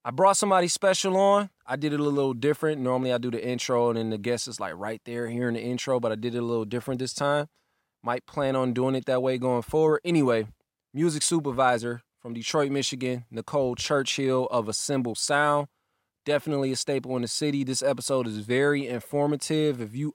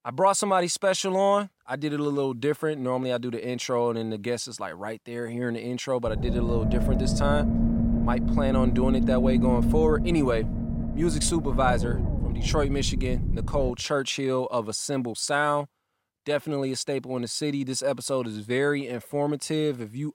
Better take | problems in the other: first | low rumble; loud; from 6 to 14 s; 7 dB below the speech

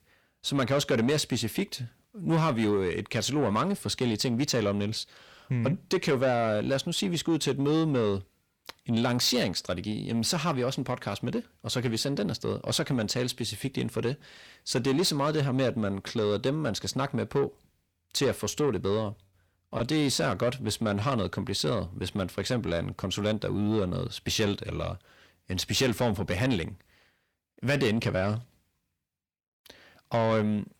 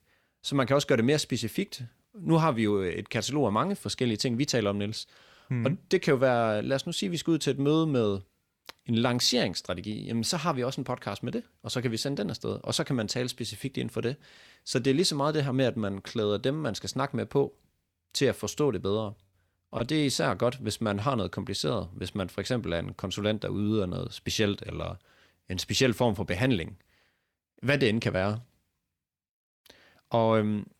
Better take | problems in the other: second | distortion; slight; 10 dB below the speech

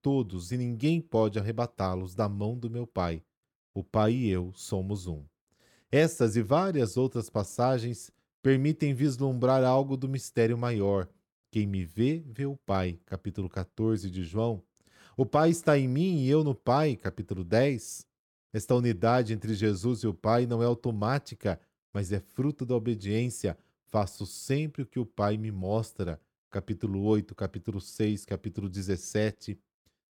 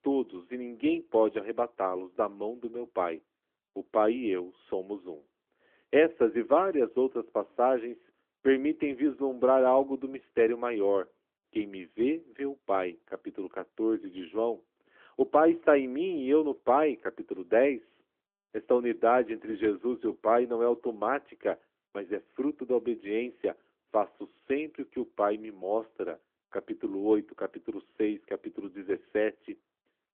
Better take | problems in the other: first | phone-call audio; nothing above 3.5 kHz

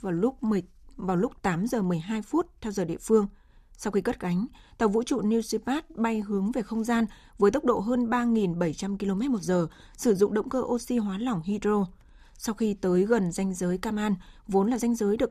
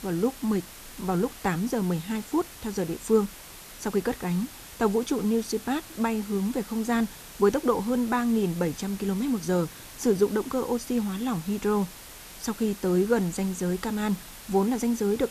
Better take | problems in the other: first | hiss; noticeable; throughout; 15 dB below the speech

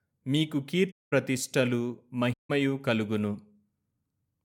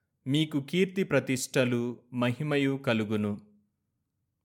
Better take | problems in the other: second | audio cutting out; at 1 s and at 2.5 s

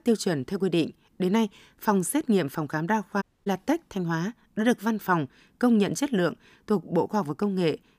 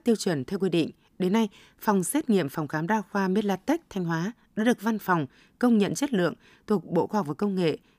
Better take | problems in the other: second | audio cutting out; at 3 s

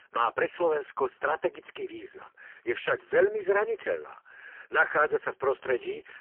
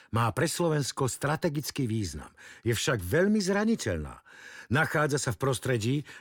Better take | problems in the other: second | phone-call audio; poor line; nothing above 3 kHz

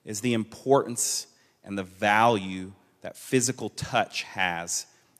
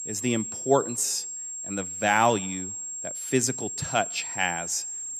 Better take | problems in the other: first | high-pitched whine; loud; throughout; 7.5 kHz, 5 dB below the speech

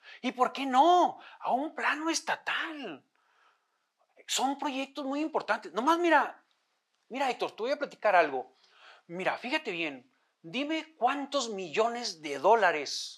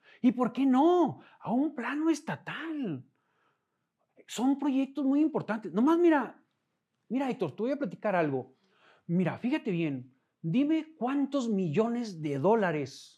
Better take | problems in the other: second | thin; very; fading below 700 Hz

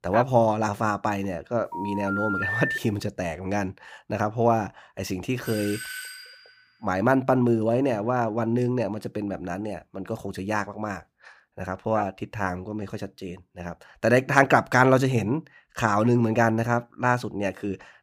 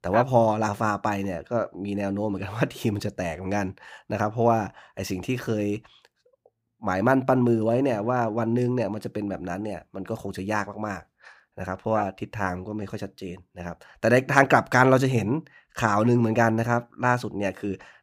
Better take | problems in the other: second | phone ringing; noticeable; from 1.5 to 3 s; peak 1 dB below the speech // doorbell; noticeable; from 5.5 to 6.5 s; peak 9 dB below the speech

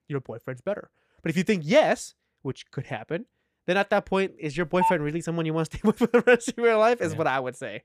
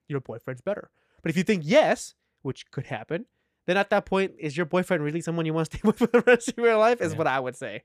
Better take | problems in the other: second | phone ringing; noticeable; at 4.5 s; peak 2 dB below the speech

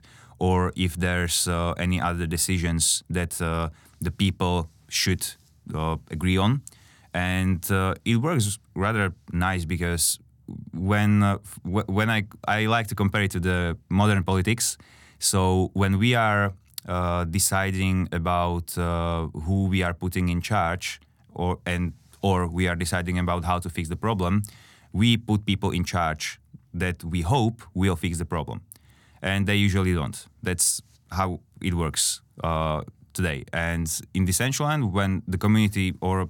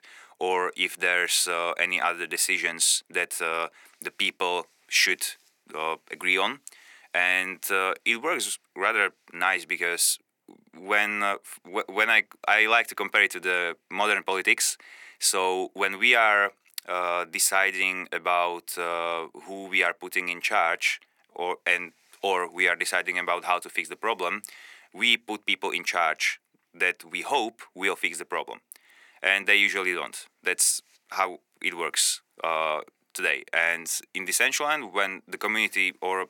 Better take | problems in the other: first | thin; very; fading below 350 Hz

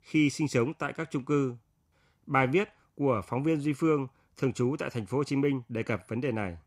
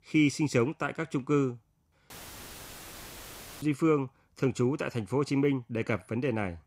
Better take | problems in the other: first | audio cutting out; filled with static; at 2 s for 1.5 s

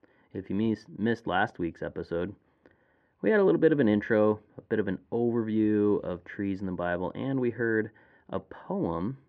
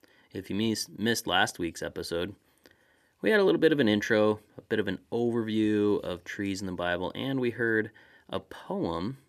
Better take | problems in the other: second | muffled; very; fading above 1.5 kHz

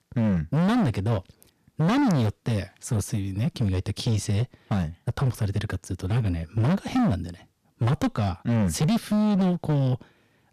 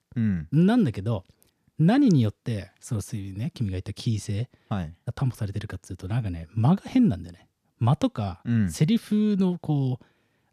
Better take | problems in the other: second | distortion; heavy; 20% of the sound clipped

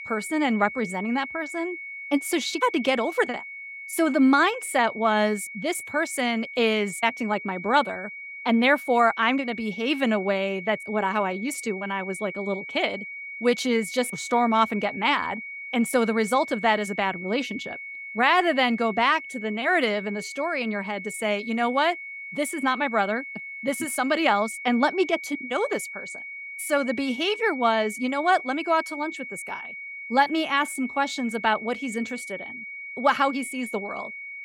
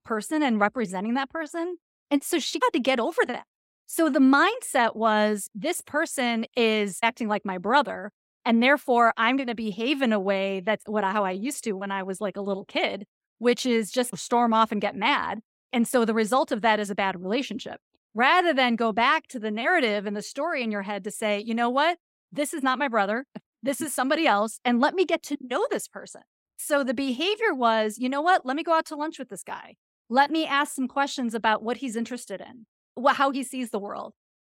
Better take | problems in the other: second | high-pitched whine; noticeable; throughout; 2 kHz, 10 dB below the speech

